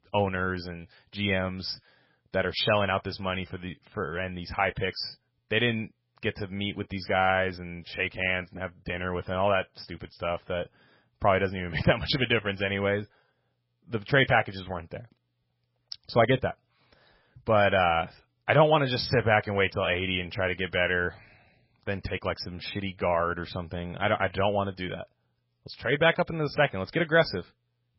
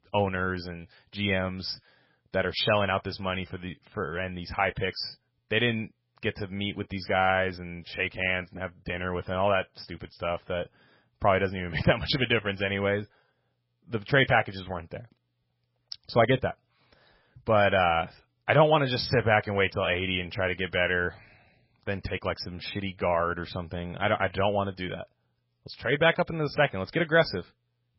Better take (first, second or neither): neither